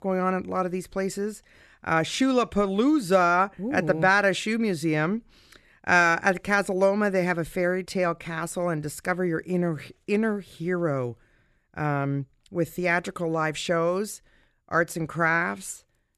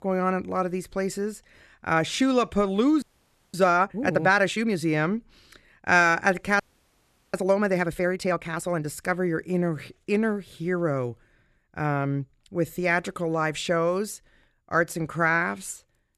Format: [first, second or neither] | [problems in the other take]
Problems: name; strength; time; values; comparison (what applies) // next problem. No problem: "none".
first | audio freezing; at 3 s for 0.5 s and at 6.5 s for 0.5 s